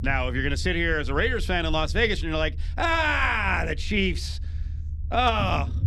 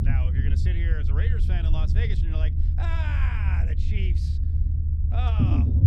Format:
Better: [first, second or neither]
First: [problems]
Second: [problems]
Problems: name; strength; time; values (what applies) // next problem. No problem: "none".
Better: first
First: low rumble; faint; throughout; 25 dB below the speech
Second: low rumble; loud; throughout; 2 dB below the speech